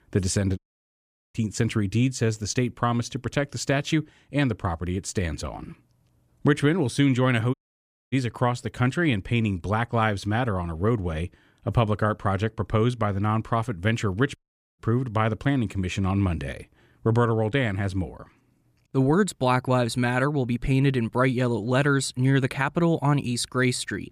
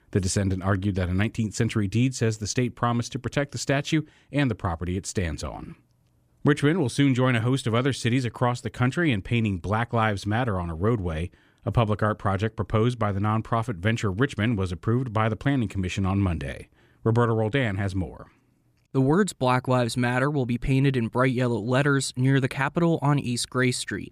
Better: second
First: audio cutting out; at 0.5 s for 1 s, at 7.5 s for 0.5 s and at 14 s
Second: none

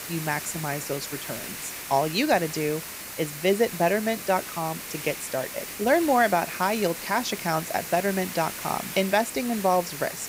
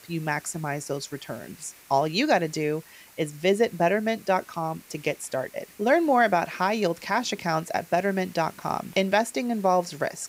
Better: second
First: hiss; loud; throughout; 8 dB below the speech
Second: hiss; faint; throughout; 25 dB below the speech

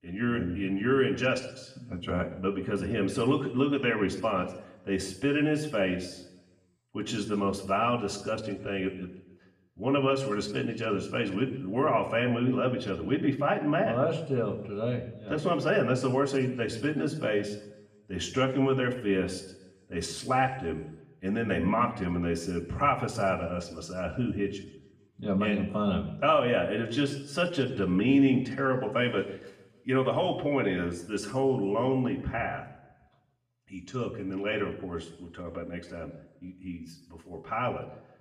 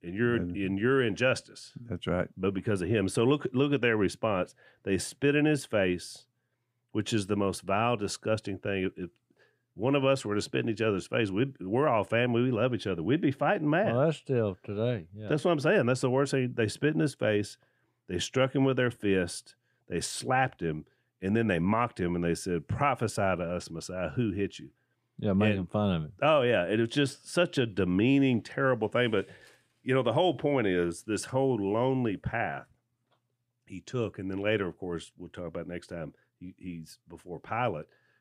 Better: second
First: room echo; slight; dies away in 0.7 s // off-mic speech; somewhat distant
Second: none

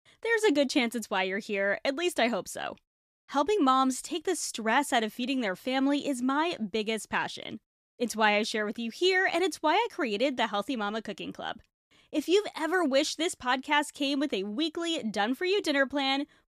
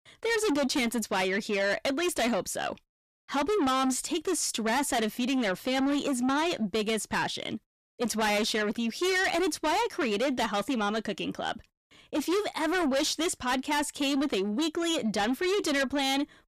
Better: first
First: none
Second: distortion; heavy; 6 dB below the speech

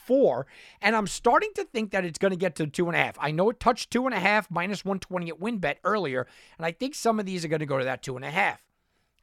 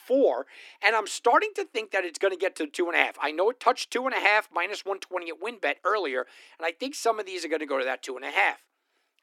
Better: first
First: none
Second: thin; somewhat; fading below 250 Hz

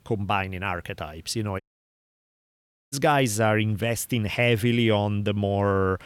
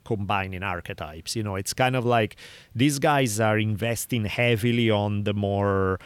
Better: second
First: audio cutting out; at 1.5 s for 1.5 s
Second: none

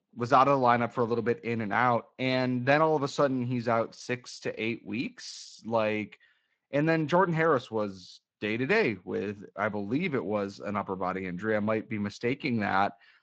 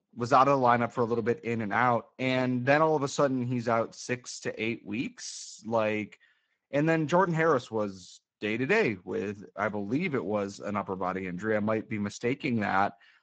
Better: first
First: garbled, watery; slightly; nothing above 7.5 kHz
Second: garbled, watery; badly; nothing above 8 kHz

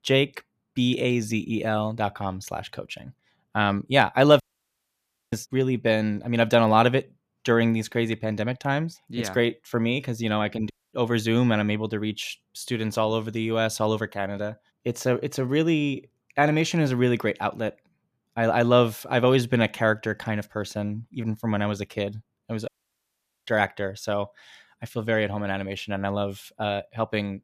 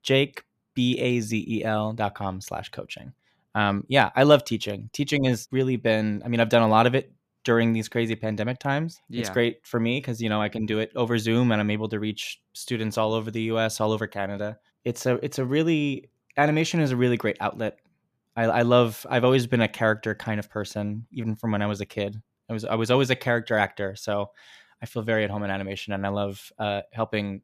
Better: second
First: audio cutting out; at 4.5 s for 1 s, at 11 s and at 23 s for 1 s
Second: none

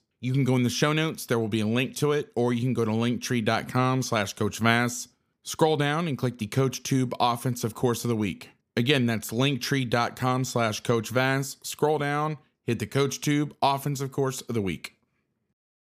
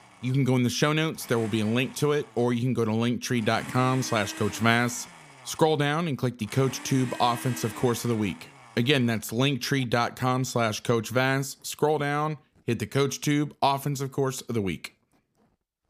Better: first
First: none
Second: household noises; noticeable; throughout; 15 dB below the speech

